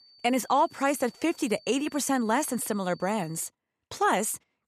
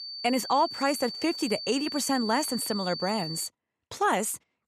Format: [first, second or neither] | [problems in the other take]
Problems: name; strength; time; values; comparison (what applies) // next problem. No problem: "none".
first | high-pitched whine; loud; until 3.5 s; 4.5 kHz, 7 dB below the speech; faint in the first